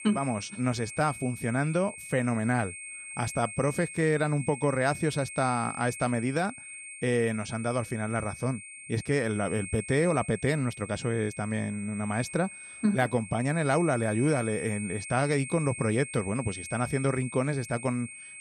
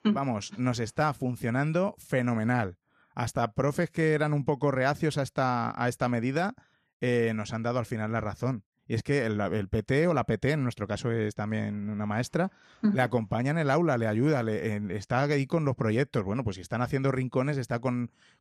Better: second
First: high-pitched whine; noticeable; throughout; 8.5 kHz, 10 dB below the speech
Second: none

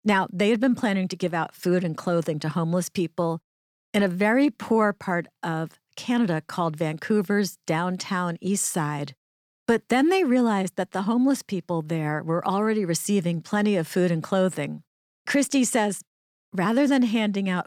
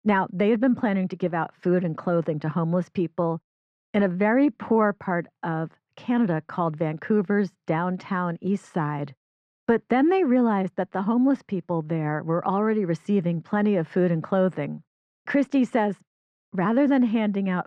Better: first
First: none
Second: muffled; very; fading above 2 kHz

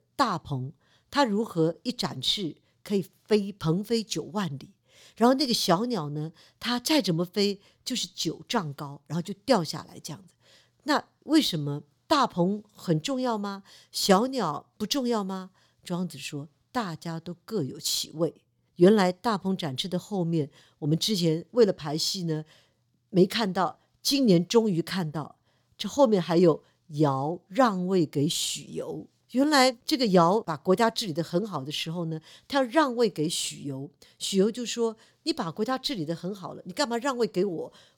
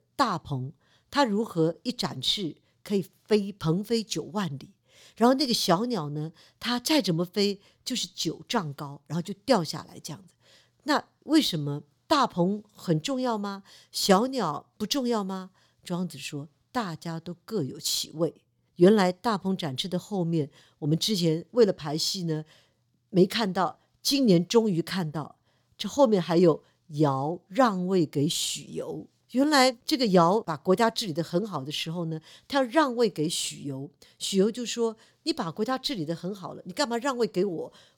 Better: neither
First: none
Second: none

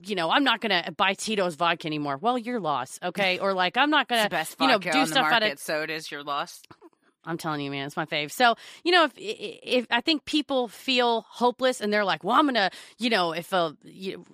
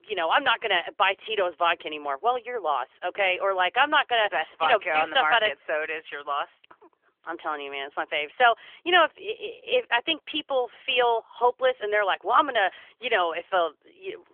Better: first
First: none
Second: phone-call audio; nothing above 3.5 kHz

